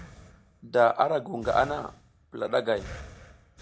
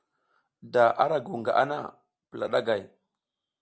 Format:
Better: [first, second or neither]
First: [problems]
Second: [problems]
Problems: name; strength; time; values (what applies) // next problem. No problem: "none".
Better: second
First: background sound (Breathing); 18 dB below the speech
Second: none